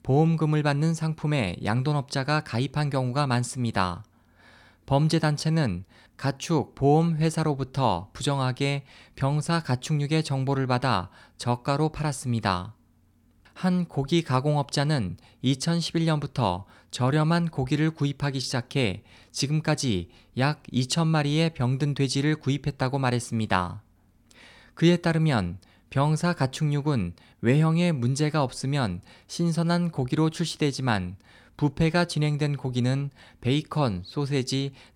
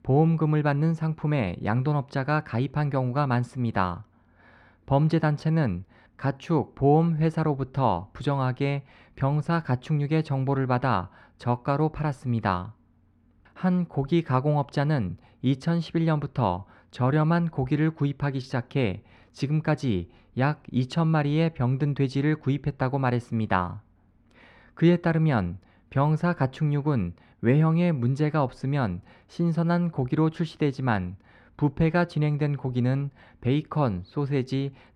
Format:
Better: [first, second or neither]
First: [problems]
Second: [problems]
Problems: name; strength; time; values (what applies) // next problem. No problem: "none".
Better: first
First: none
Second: muffled; slightly; fading above 3.5 kHz